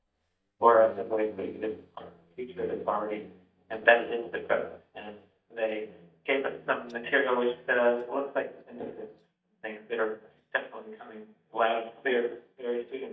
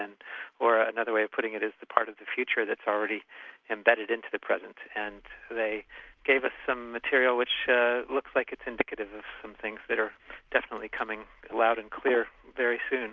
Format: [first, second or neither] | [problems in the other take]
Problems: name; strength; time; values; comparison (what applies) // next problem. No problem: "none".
second | noise reduction (neural mask model DeepFilterNet 3)